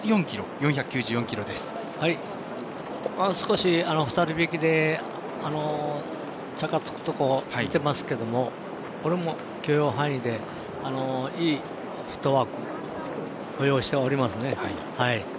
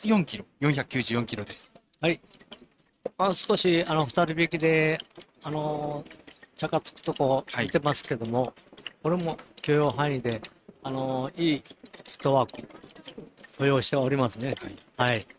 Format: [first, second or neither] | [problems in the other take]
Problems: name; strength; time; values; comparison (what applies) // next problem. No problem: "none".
first | noise reduction (neural mask model RNNoise)